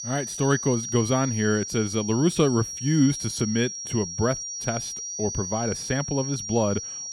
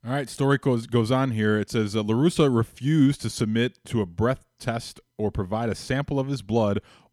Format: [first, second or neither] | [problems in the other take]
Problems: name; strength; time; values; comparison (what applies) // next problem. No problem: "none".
second | high-pitched whine; loud; throughout; 5.5 kHz, 6 dB below the speech